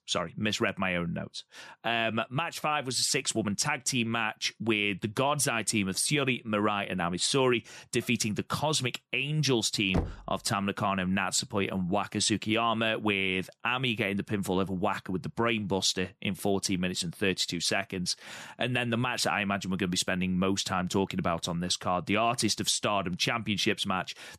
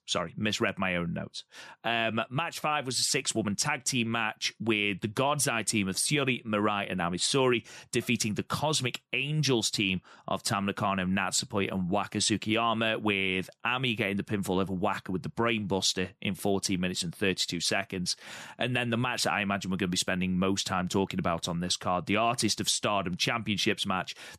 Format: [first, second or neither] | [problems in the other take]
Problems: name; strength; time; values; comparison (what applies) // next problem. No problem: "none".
second | door banging; noticeable; at 10 s; peak 5 dB below the speech